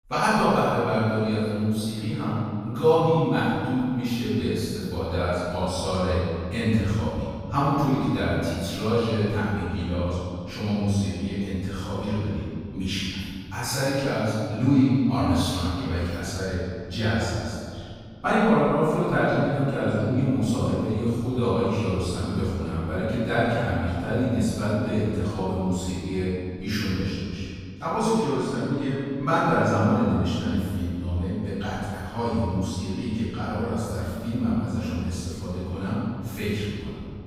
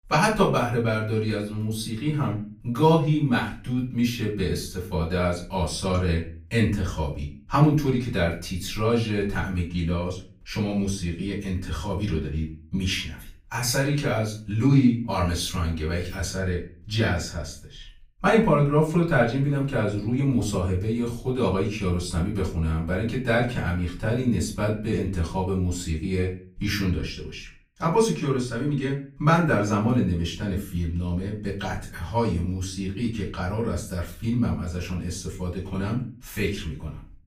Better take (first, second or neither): second